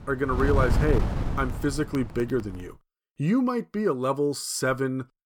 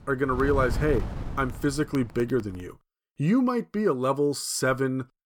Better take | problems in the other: second | wind noise on the microphone; heavy; until 2.5 s; 8 dB below the speech; occasional gusts in the second

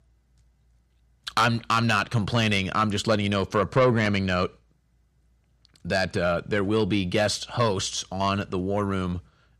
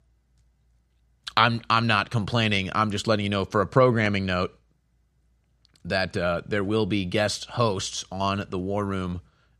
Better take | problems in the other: second | distortion; slight; 10 dB below the speech

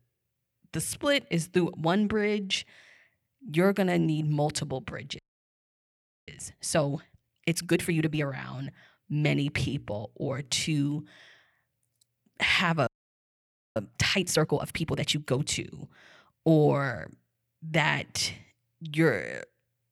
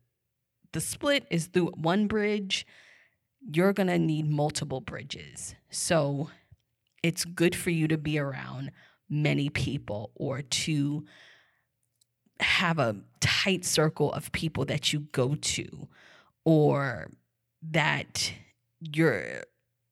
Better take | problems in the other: second | audio freezing; at 5 s for 1 s and at 13 s for 1 s

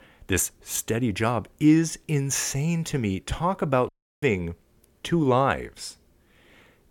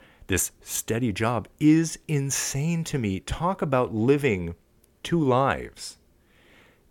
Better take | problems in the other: second | audio cutting out; at 4 s

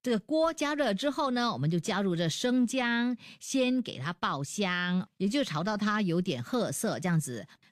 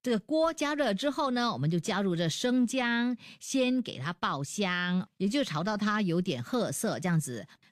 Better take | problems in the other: neither | none

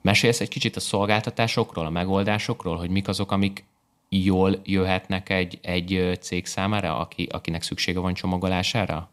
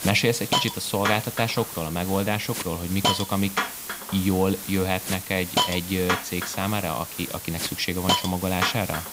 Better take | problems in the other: first | hiss; loud; throughout; 2 dB below the speech

